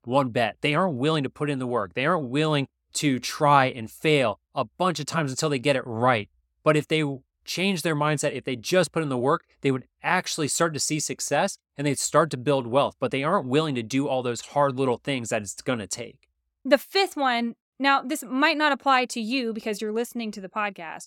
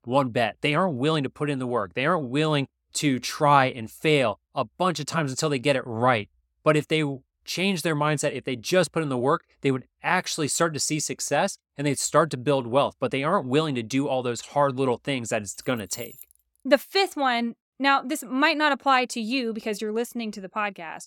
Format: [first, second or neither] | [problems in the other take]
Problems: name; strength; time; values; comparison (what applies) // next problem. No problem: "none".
first | jangling keys; faint; at 16 s; peak 15 dB below the speech